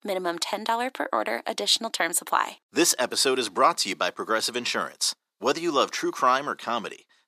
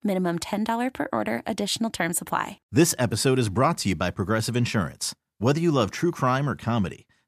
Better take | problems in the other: second | thin; very; fading below 350 Hz

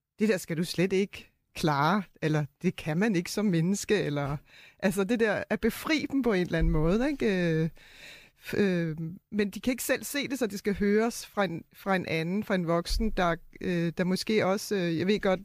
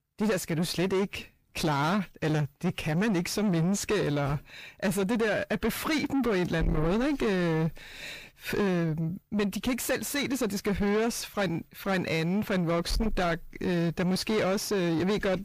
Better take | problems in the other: first | distortion; heavy; 7 dB below the speech

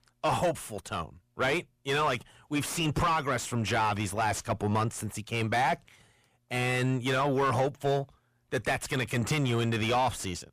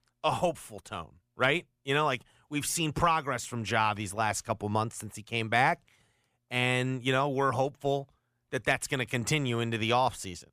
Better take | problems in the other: second | distortion; heavy; 6 dB below the speech

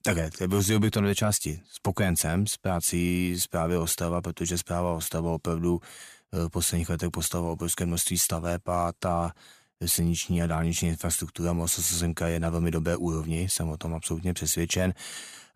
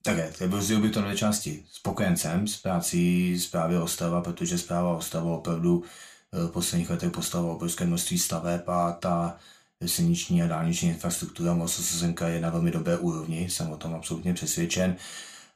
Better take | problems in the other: first | room echo; very slight; dies away in 0.3 s

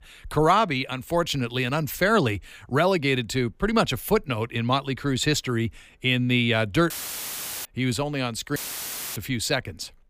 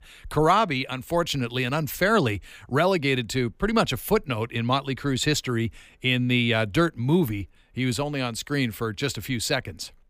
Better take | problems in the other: second | audio cutting out; filled with static; at 7 s for 1 s and at 8.5 s for 0.5 s

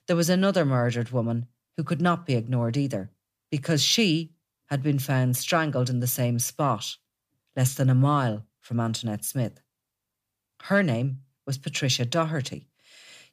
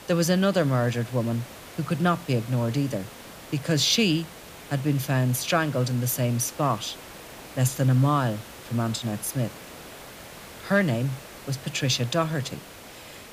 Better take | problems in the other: first | hiss; noticeable; throughout; 15 dB below the speech

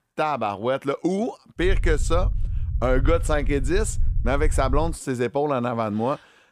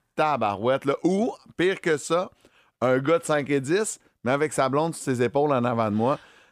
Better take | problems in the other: second | low rumble; faint; from 1.5 to 5 s; 20 dB below the speech

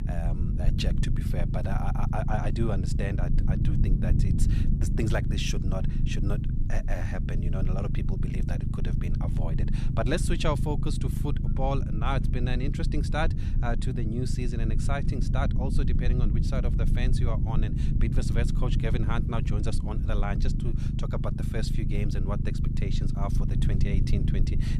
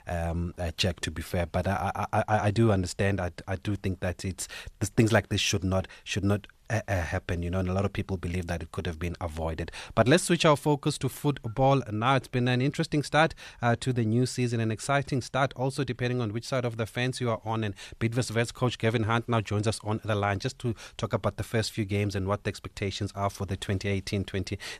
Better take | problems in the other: second | low rumble; loud; throughout; 4 dB below the speech

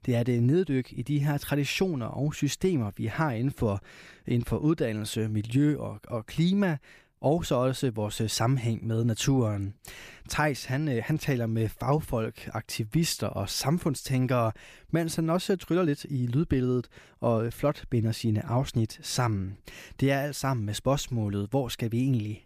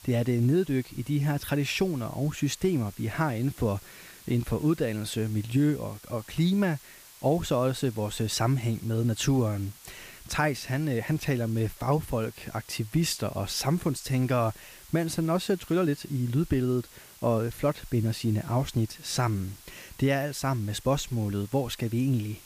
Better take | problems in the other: first | hiss; faint; throughout; 20 dB below the speech

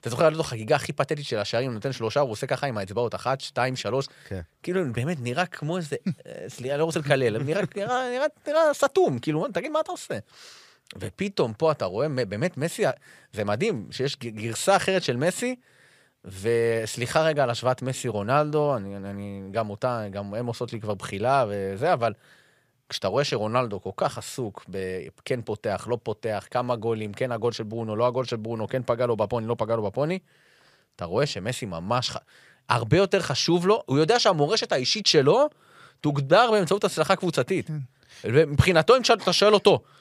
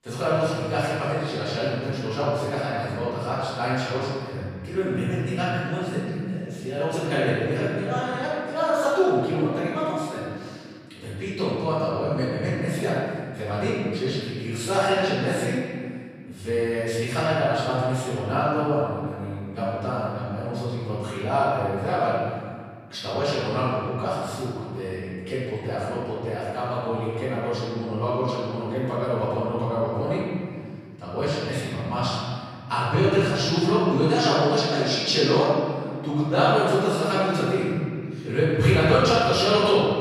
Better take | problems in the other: first | room echo; strong; dies away in 2.1 s // off-mic speech; far

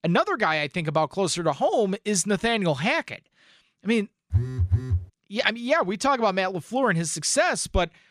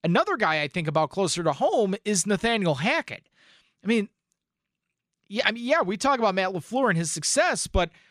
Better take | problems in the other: second | phone ringing; noticeable; at 4.5 s; peak level with the speech

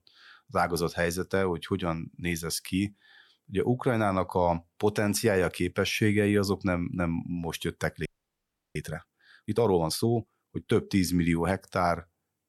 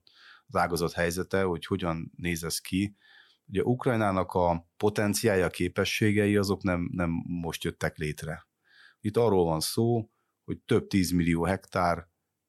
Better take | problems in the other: second | audio freezing; at 8 s for 0.5 s

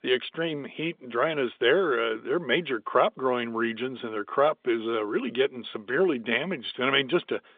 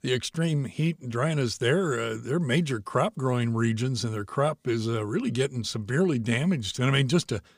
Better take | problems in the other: second | phone-call audio; nothing above 3 kHz

